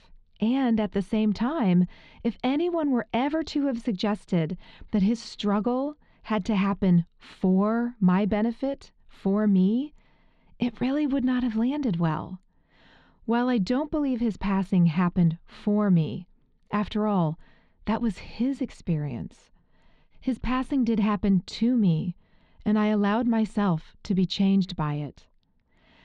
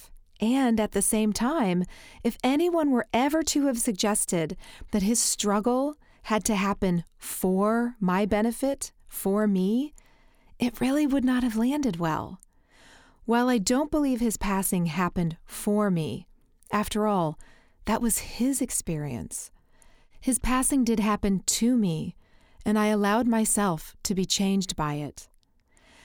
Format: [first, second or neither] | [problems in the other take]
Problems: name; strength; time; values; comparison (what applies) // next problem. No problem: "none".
second | muffled; slightly; fading above 4 kHz